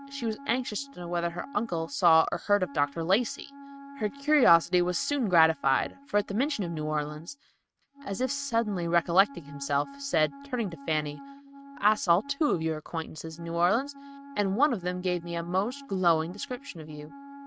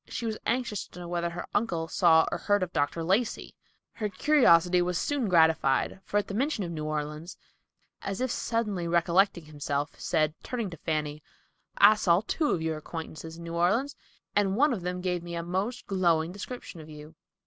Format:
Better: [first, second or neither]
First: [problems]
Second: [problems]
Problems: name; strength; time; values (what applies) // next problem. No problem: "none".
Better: second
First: noise reduction (neural mask model RNNoise)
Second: none